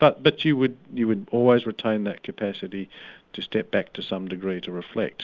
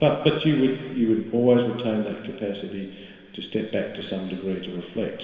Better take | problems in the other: first | room echo; dies away in 2.2 s

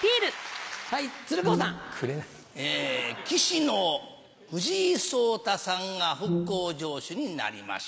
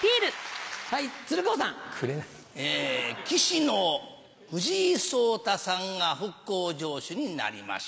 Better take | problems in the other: second | background sound (Brass instrument); 2 dB below the speech

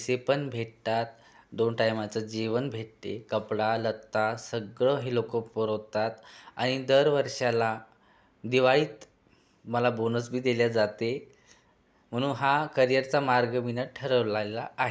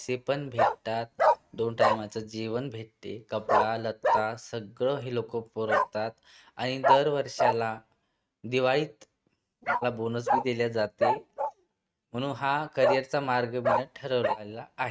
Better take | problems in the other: first | noise reduction (neural mask model RNNoise)

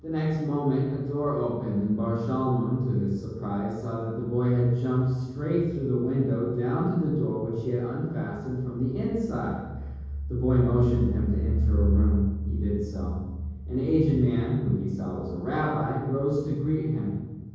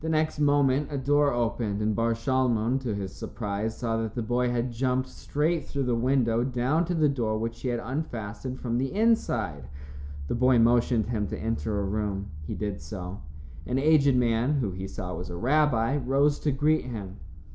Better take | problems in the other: second | room echo; dies away in 1.3 s

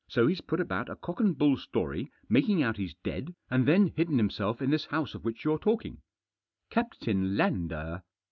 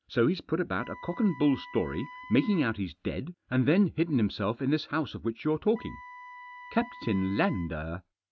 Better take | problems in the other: first | background sound (Wind instrument, woodwind instrument); 18 dB below the speech

